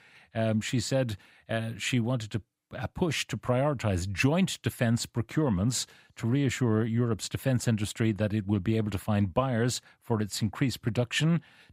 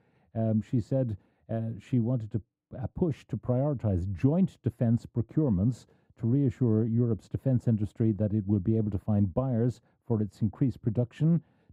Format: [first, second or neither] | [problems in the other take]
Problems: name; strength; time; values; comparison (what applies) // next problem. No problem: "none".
first | muffled; very; fading above 1 kHz